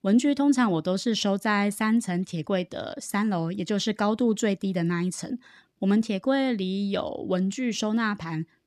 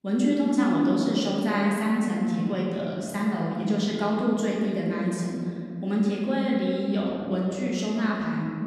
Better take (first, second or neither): first